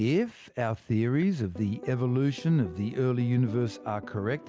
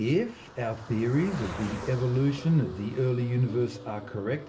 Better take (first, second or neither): first